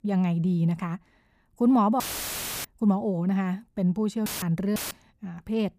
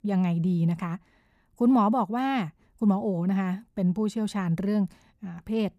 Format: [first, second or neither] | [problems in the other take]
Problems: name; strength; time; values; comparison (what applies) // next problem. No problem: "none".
second | audio cutting out; filled with static; at 2 s for 0.5 s, at 4.5 s and at 5 s